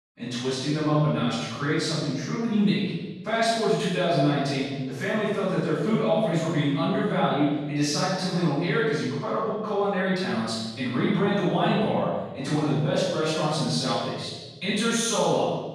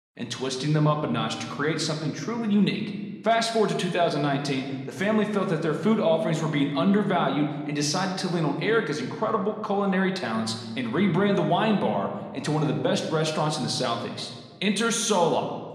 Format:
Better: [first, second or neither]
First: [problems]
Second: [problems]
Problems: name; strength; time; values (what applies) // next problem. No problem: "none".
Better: second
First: room echo; strong; dies away in 1.3 s // off-mic speech; far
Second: room echo; slight; dies away in 1.1 s